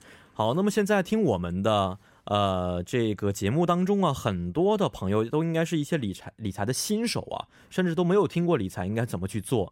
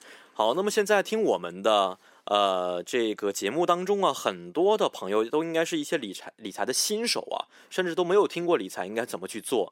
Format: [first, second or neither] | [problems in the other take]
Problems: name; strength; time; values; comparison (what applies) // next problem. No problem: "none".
first | thin; somewhat; fading below 300 Hz